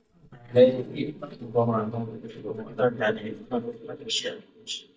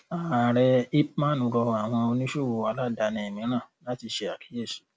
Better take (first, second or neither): second